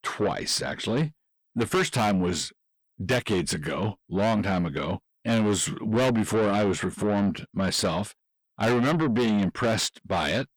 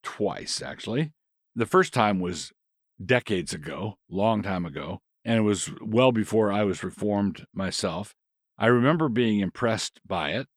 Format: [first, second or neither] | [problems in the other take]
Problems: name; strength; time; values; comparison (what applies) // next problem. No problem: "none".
second | distortion; heavy; 6 dB below the speech